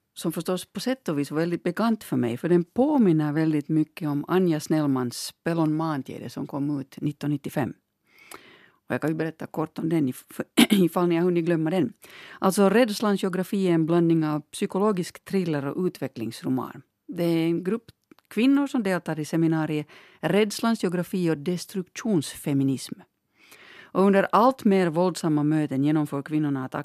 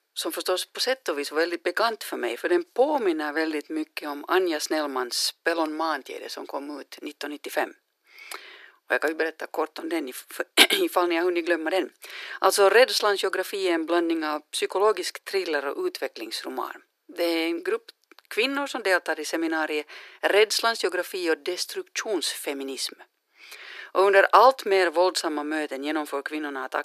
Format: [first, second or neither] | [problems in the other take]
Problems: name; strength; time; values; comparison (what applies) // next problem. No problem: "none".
first | thin; very; fading below 350 Hz